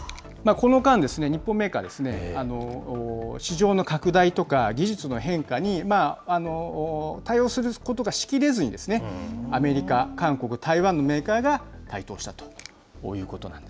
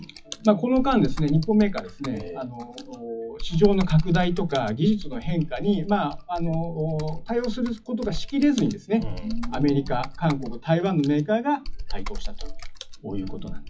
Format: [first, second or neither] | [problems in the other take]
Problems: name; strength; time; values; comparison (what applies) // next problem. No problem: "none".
first | noise reduction (classical method WPE with log-MMSE)